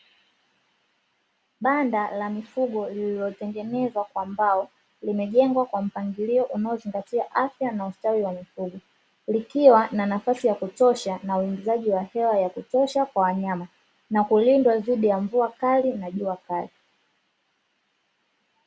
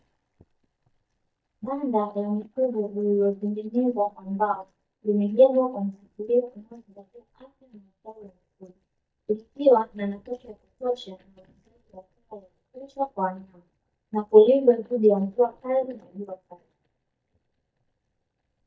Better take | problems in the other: first | noise reduction (neural mask model DeepFilterNet 3)

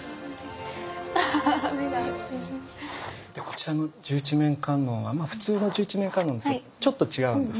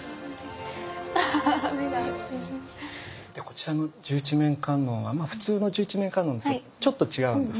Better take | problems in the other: second | background sound (Writing); 15 dB below the speech

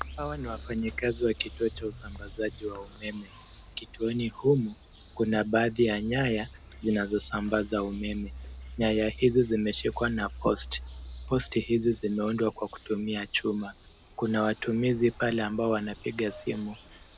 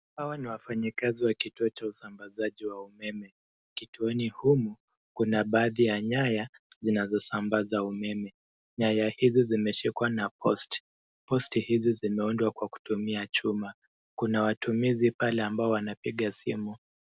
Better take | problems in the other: second | background sound (Bird vocalization, bird call, bird song); 16 dB below the speech

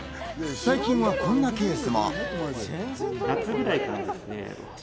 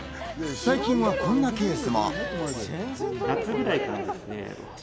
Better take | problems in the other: first | background sound (Tambourine); 20 dB below the speech

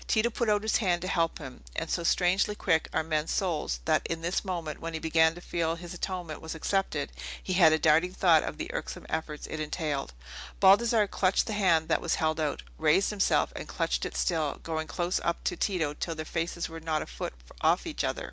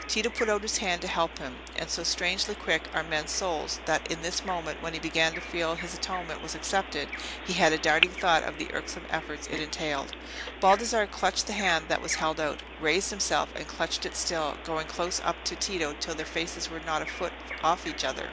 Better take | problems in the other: first | background sound (Bird vocalization, bird call, bird song); 10 dB below the speech

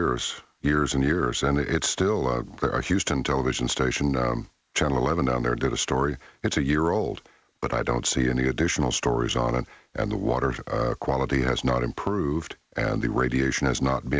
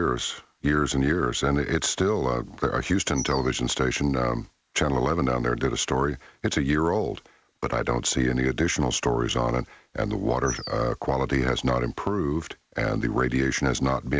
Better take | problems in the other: first | background sound (Bird vocalization, bird call, bird song); 13 dB below the speech

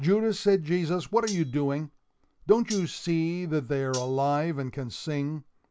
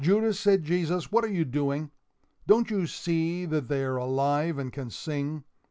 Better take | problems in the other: second | background sound (Cutlery, silverware); 18 dB below the speech

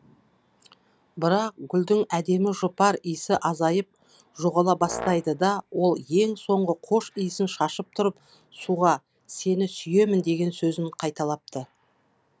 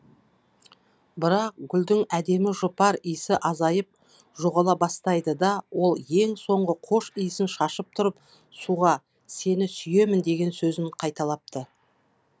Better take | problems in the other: second | background sound (Brass instrument); 12 dB below the speech

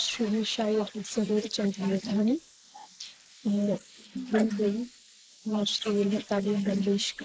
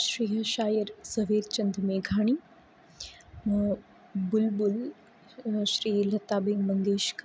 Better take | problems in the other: second | noise reduction (neural mask model Resemble Enhance denoiser)

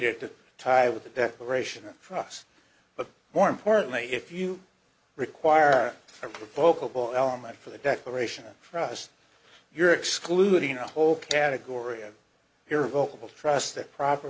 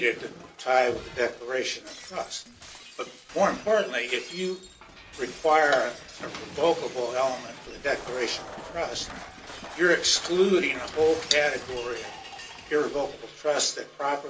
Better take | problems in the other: first | background sound (Shatter); 16 dB below the speech // room echo; dies away in 0.2 s

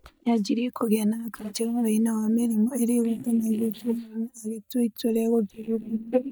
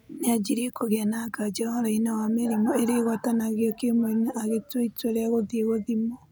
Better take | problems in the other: second | noise reduction (neural mask model DeepFilterNet 3)

